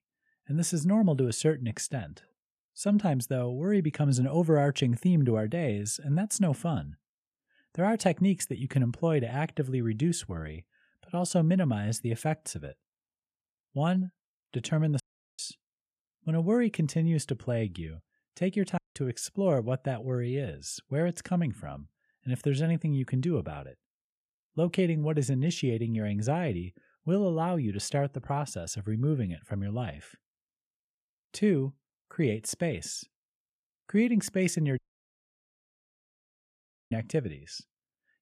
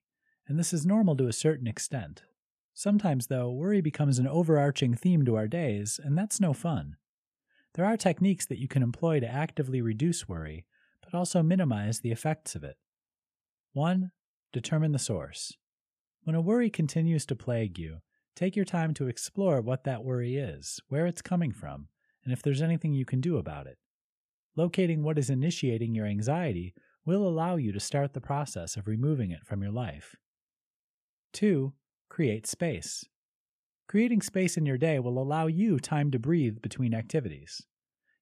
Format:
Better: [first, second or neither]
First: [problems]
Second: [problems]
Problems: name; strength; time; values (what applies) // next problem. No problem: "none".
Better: second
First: audio cutting out; at 15 s, at 19 s and at 35 s for 2 s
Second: none